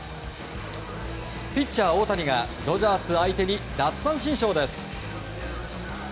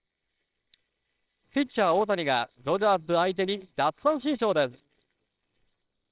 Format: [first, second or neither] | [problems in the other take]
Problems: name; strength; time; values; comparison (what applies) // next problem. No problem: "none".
first | noise reduction (neural separator model SepFormer WHAMR!)